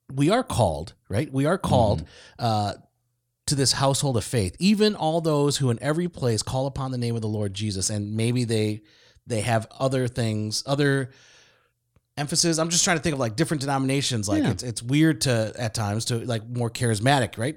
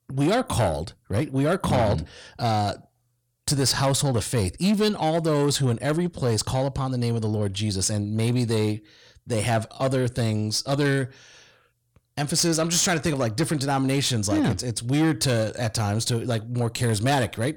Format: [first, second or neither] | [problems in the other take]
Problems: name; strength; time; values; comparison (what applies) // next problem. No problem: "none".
first | distortion; slight; 10 dB below the speech